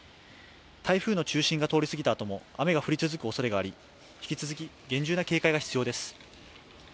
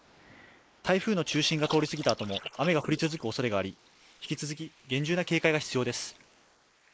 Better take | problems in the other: first | noise reduction (neural mask model Resemble Enhance denoiser)

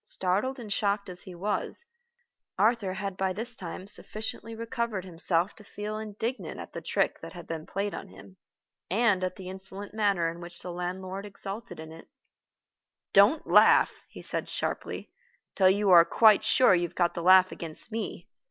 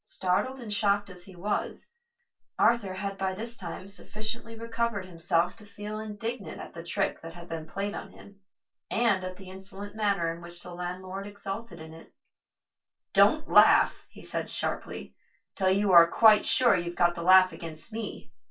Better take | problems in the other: first | room echo; dies away in 0.2 s

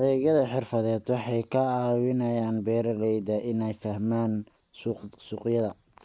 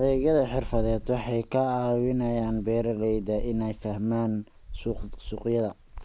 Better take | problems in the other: first | background sound (Thunder / Rain); 10 dB below the speech

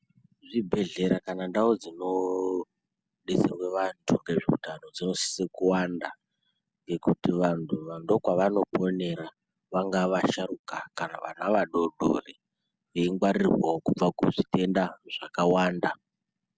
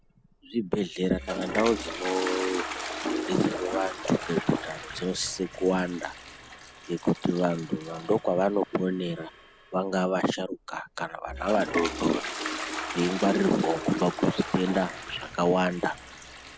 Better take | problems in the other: first | background sound (Toilet flush); 8 dB below the speech

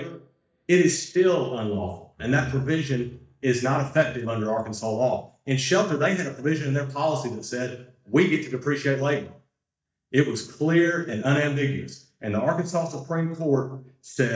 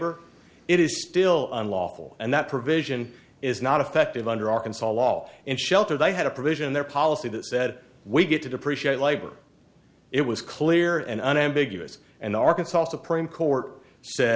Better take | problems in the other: second | noise reduction (neural mask model DeepFilterNet 3)

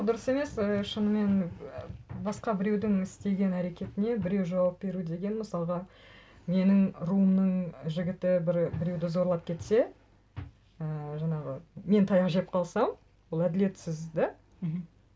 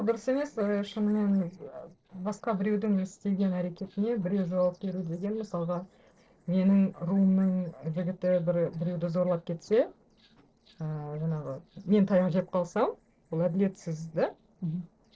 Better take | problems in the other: first | noise reduction (neural separator model SepFormer DNS4)

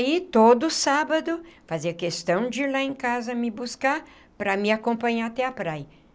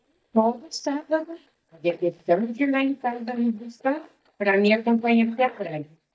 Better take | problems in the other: first | noise reduction (neural mask model DeepFilterNet 3)

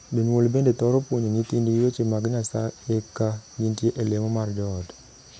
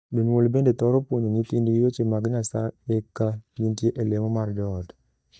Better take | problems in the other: first | noise reduction (neural mask model DeepFilterNet 3)

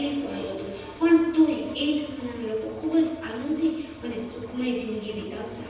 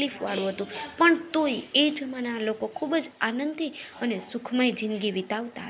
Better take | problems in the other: second | background sound (Engine); 19 dB below the speech // room echo; dies away in 1.1 s

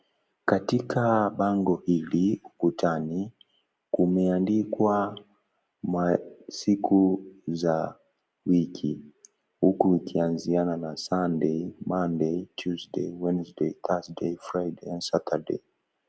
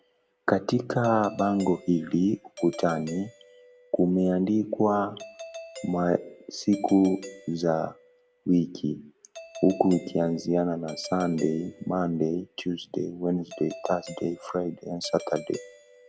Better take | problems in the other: first | background sound (Doorbell); 19 dB below the speech

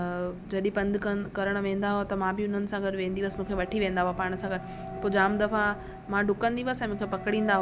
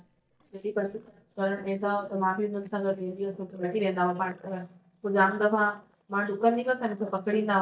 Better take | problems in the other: first | noise reduction (neural mask model DeepFilterNet 3)

